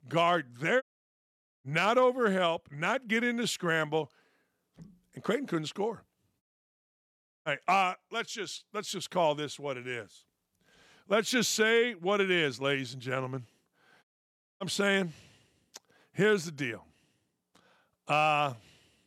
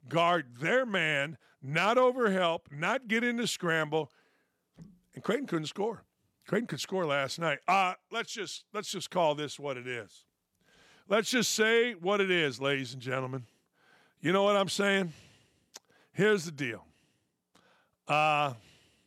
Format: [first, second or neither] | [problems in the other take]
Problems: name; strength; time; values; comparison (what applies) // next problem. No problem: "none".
second | audio cutting out; at 1 s for 1 s, at 6.5 s for 1 s and at 14 s for 0.5 s